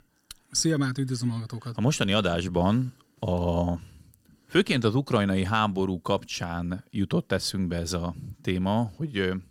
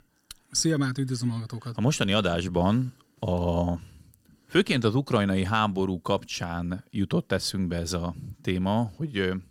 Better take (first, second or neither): neither